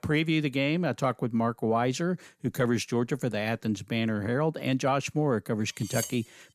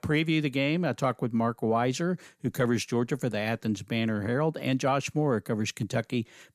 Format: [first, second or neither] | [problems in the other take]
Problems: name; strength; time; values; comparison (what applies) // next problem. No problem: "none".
second | clattering dishes; noticeable; at 6 s; peak 6 dB below the speech